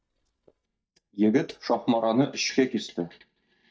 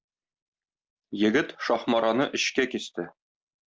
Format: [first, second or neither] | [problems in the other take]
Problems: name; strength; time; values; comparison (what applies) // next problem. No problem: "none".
second | noise reduction (neural mask model DeepFilterNet 3)